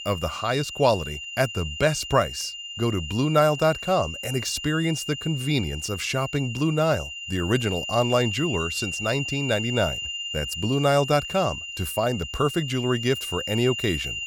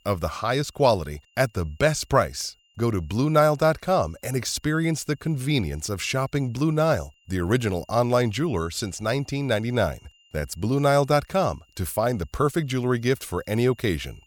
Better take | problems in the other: second | high-pitched whine; loud; throughout; 3 kHz, 6 dB below the speech; faint in the second

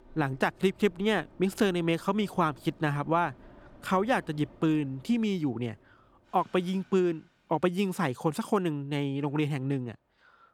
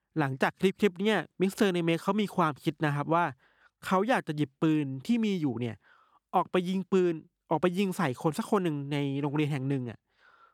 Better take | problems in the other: second | train or aircraft noise; faint; throughout; 25 dB below the speech

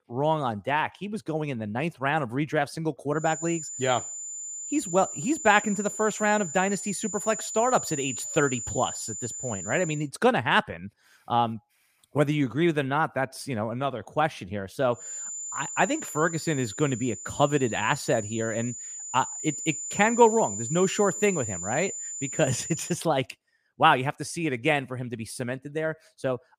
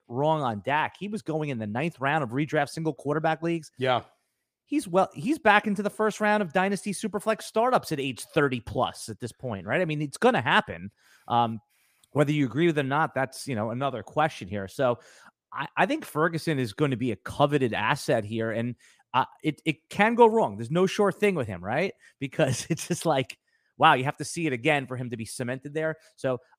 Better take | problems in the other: second | high-pitched whine; loud; from 3 to 10 s and from 15 to 23 s; 7 kHz, 7 dB below the speech

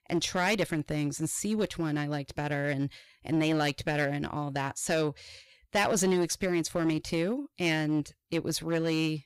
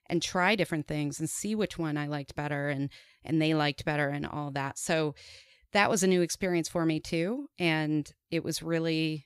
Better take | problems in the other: second | distortion; slight; 6% of the sound clipped

